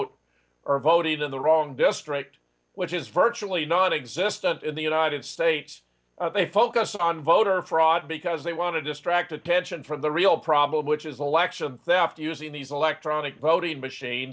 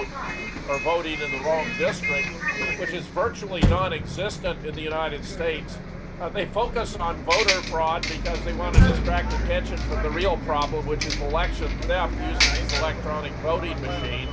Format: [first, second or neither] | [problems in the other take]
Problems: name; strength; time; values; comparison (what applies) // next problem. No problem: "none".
first | background sound (Bus + Motor vehicle (road)); 2 dB above the speech